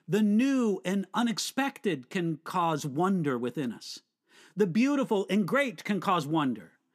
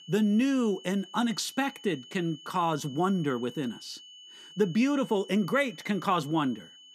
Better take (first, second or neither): first